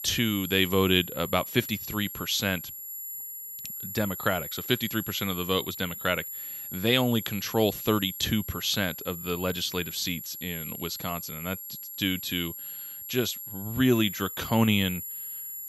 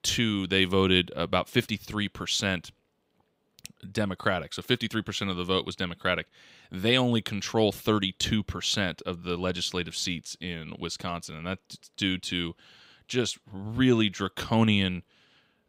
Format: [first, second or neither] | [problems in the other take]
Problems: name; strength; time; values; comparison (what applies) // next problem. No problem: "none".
second | high-pitched whine; loud; throughout; 11.5 kHz, 8 dB below the speech